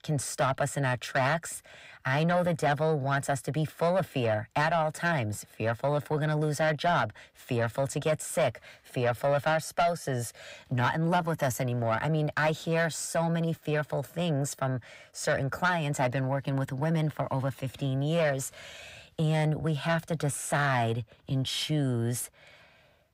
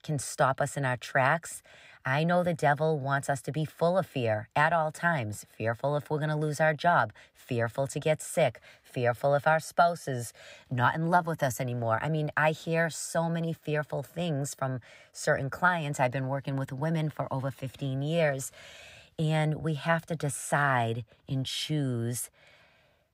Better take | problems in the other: second | distortion; slight; 10 dB below the speech

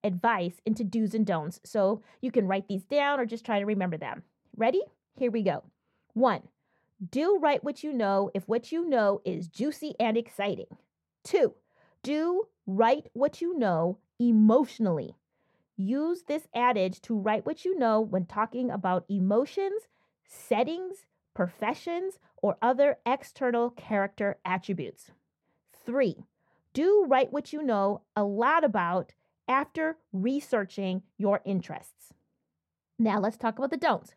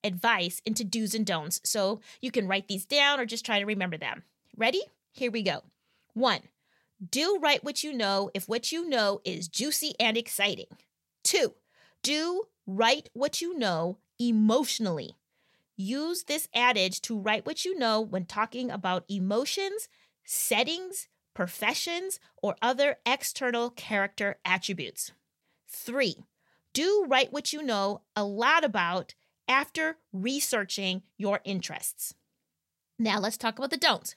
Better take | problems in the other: second | muffled; very; fading above 2 kHz

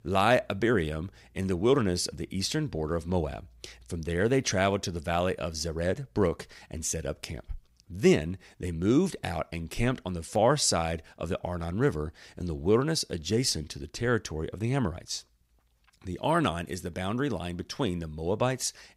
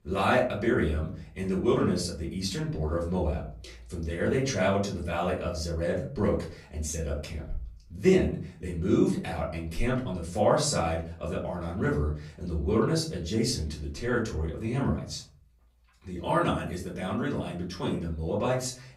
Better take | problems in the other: first | off-mic speech; far // room echo; slight; dies away in 0.4 s

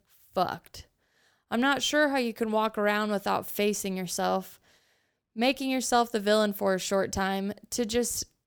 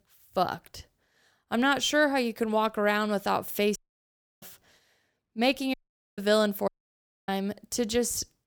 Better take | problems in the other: first | audio cutting out; at 4 s for 0.5 s, at 5.5 s and at 6.5 s for 0.5 s

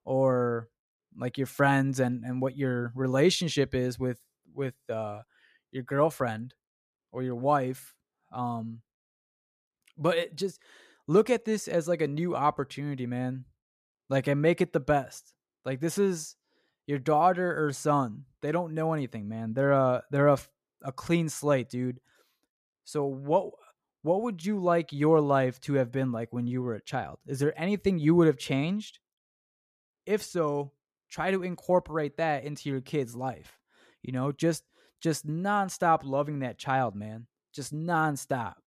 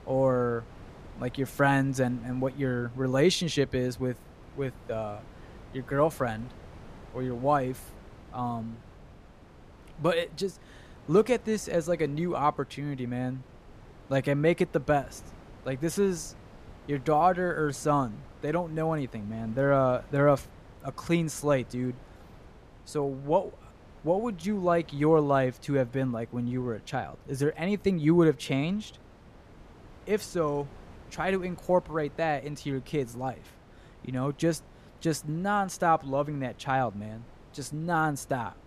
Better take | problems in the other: first | wind noise on the microphone; occasional gusts; 25 dB below the speech

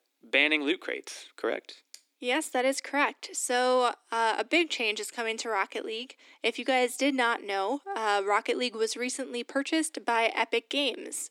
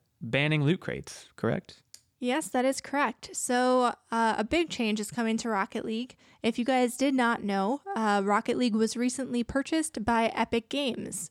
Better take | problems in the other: second | thin; somewhat; fading below 300 Hz

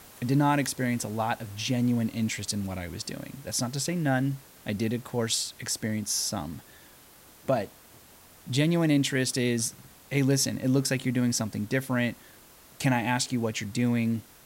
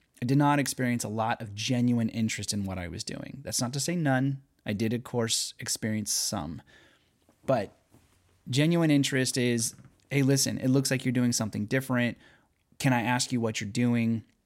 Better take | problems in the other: second | hiss; faint; throughout; 25 dB below the speech

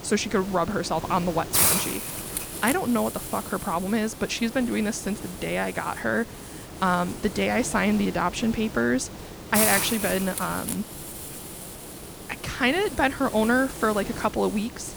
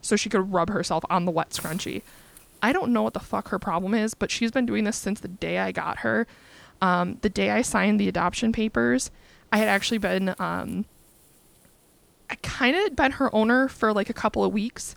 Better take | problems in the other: second | hiss; loud; throughout; 5 dB below the speech; faint in the second

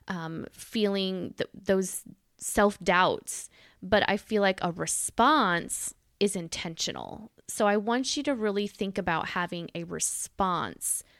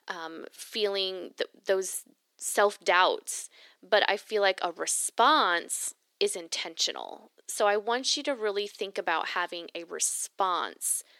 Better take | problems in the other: first | thin; somewhat; fading below 350 Hz

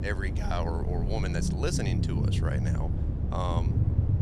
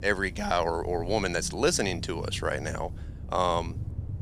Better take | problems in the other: second | low rumble; loud; throughout; 4 dB below the speech; faint in the second

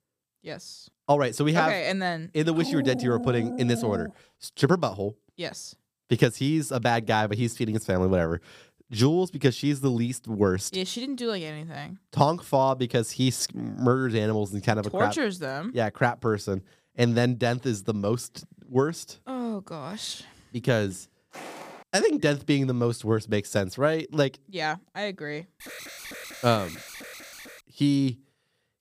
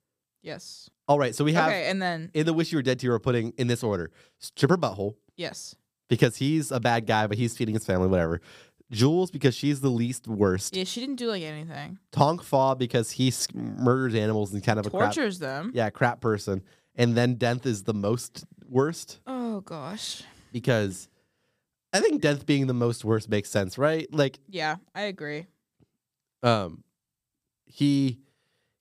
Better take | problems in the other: second | dog barking; noticeable; from 2.5 to 4 s; peak 5 dB below the speech // footsteps; faint; at 21 s; peak 15 dB below the speech // alarm; faint; from 26 to 28 s; peak 10 dB below the speech

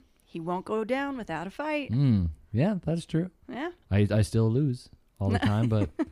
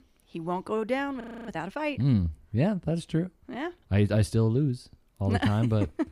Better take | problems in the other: first | audio freezing; at 1 s

